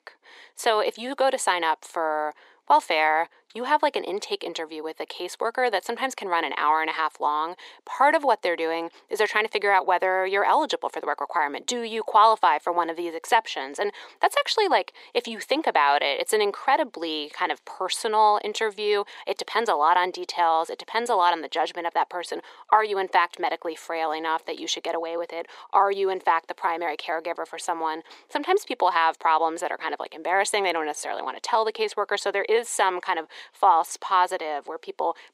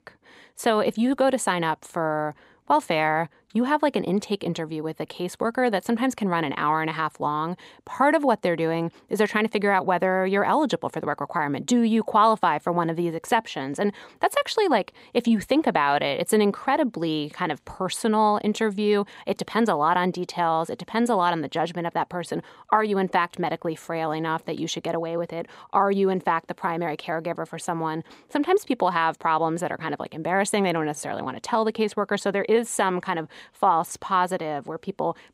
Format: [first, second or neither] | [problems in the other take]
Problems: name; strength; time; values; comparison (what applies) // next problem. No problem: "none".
second | thin; very; fading below 350 Hz